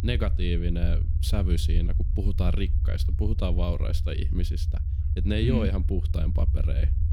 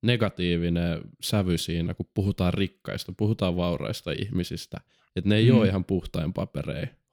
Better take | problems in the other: second | low rumble; loud; throughout; 10 dB below the speech

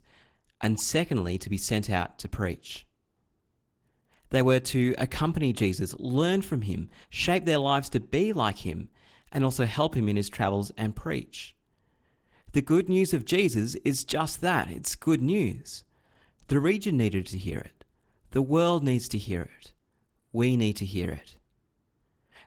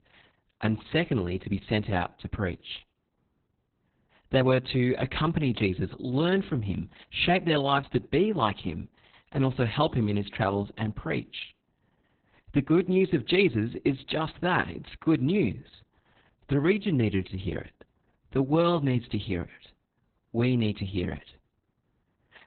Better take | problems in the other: first | garbled, watery; badly; nothing above 4 kHz; slightly in the first

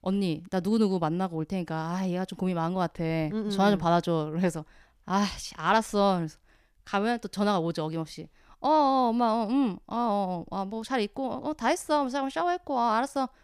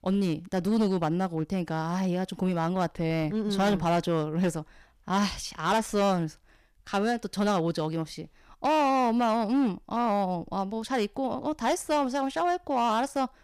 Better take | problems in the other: first | distortion; slight; 8% of the sound clipped

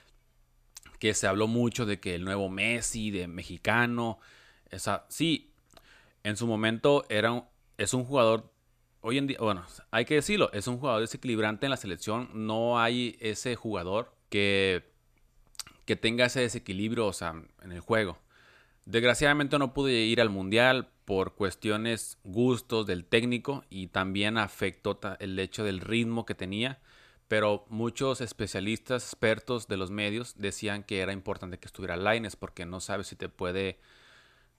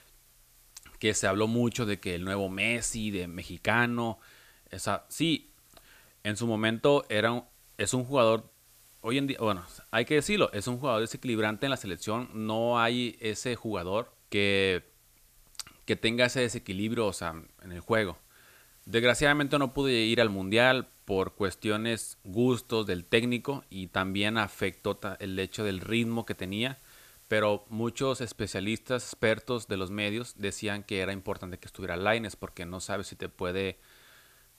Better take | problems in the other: first | hiss; faint; throughout; 30 dB below the speech

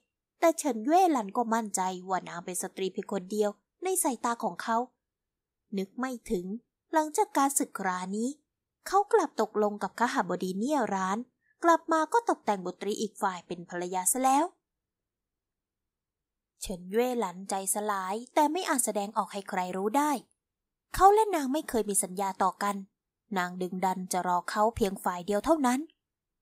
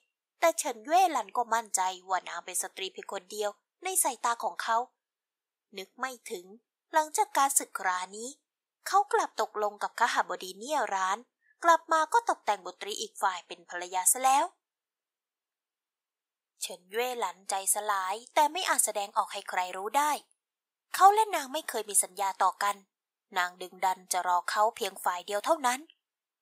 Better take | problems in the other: first | thin; very; fading below 700 Hz

